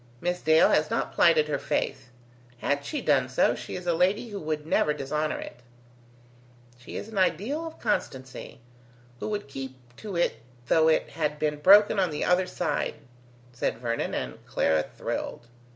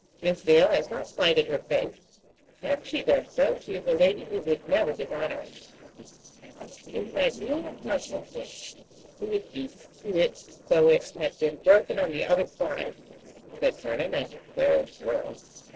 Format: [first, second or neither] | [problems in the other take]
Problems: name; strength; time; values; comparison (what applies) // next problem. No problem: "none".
first | noise reduction (neural separator model SepFormer DNS4)